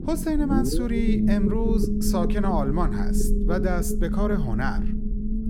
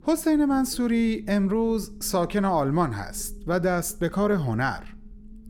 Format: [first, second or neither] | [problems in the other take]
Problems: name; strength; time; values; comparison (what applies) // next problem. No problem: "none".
second | low rumble; loud; throughout; 3 dB below the speech; faint in the second